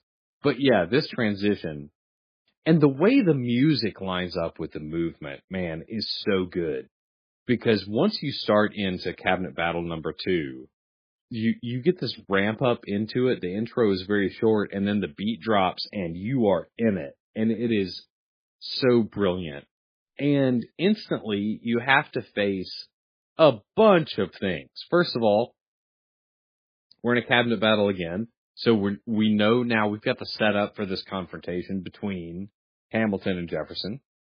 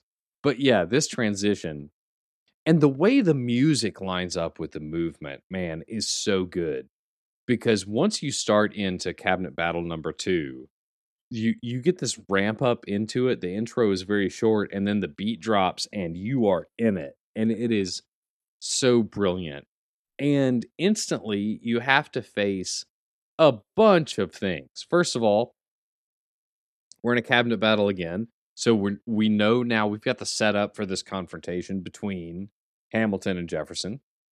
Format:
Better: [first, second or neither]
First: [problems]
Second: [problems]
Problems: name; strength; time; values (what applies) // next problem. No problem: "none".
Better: second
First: garbled, watery; badly; nothing above 5 kHz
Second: none